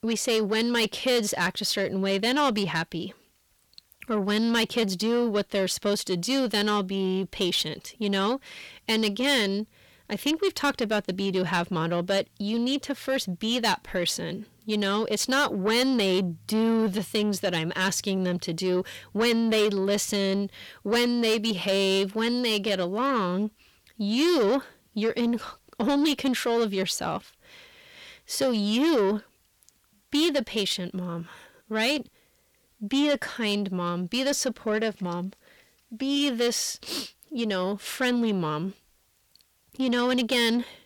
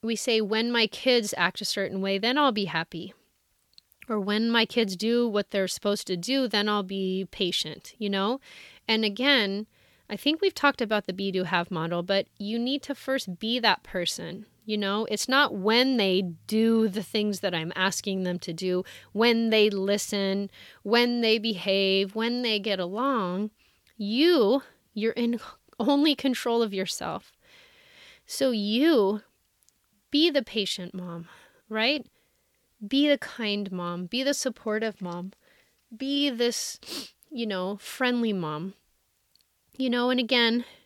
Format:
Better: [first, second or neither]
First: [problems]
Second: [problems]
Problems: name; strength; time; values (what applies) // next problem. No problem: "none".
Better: second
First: distortion; slight; 10 dB below the speech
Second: none